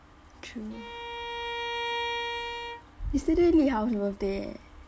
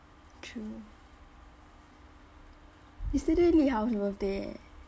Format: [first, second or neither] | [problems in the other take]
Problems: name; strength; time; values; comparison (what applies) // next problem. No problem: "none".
second | background sound (Bowed string instrument); 5 dB below the speech